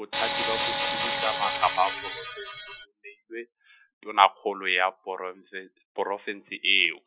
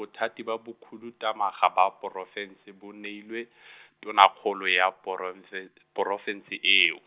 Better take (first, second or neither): second